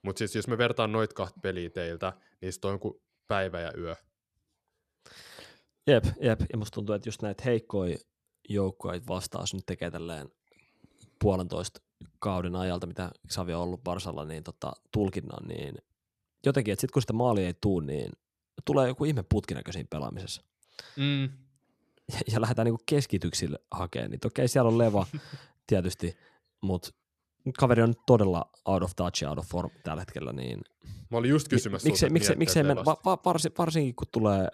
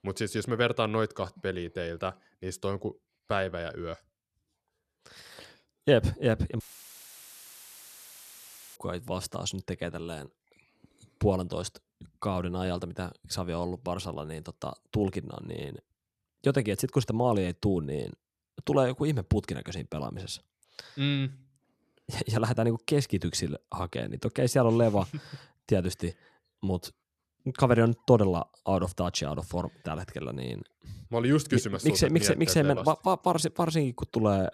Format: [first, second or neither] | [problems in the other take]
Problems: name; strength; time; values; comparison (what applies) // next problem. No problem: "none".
first | audio cutting out; filled with static; at 6.5 s for 2 s